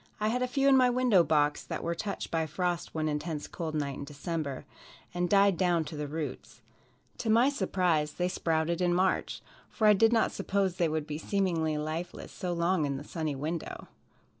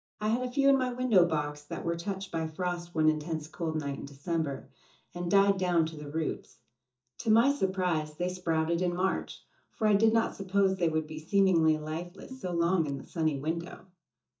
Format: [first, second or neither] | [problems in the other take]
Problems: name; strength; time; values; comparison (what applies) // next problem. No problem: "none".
first | noise reduction (neural mask model DeepFilterNet 3)